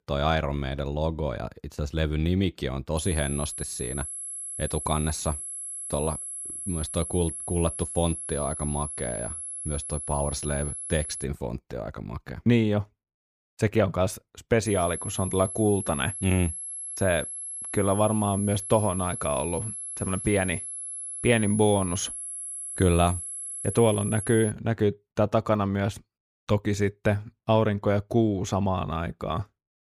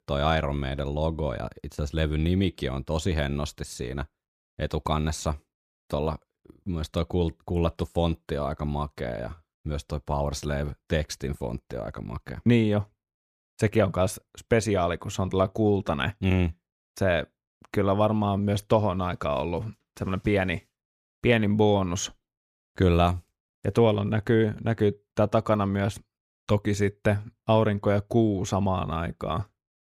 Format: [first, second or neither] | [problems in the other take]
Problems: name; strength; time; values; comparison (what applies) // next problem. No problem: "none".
second | high-pitched whine; loud; from 3 to 11 s and from 15 to 25 s; 11 kHz, 6 dB below the speech